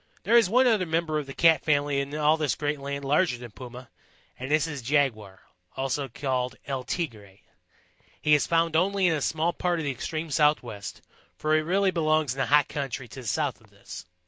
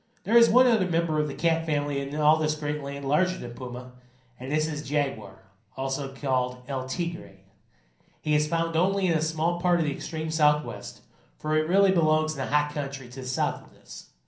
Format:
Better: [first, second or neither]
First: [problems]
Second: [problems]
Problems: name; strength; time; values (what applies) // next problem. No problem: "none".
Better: first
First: none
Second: room echo; dies away in 0.6 s